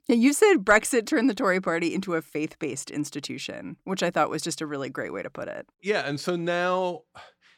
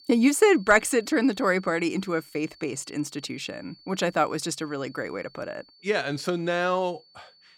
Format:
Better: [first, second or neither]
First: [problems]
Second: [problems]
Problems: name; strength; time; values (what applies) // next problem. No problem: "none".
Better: first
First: none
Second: high-pitched whine; faint; throughout; 4.5 kHz, 25 dB below the speech